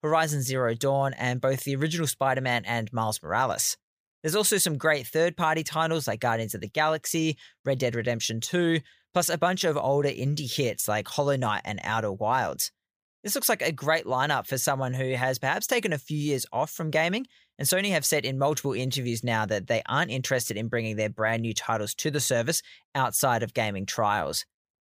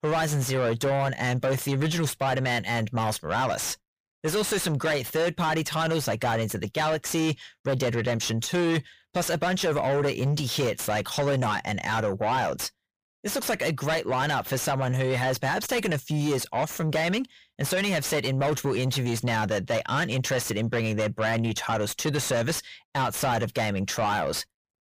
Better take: first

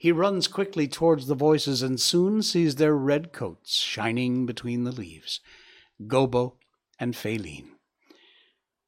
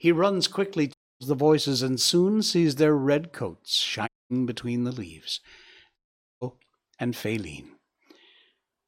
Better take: first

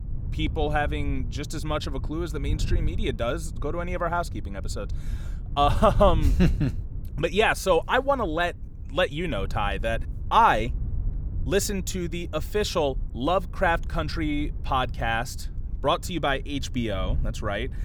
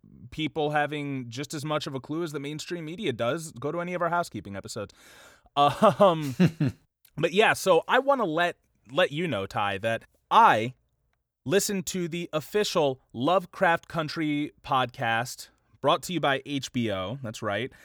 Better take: second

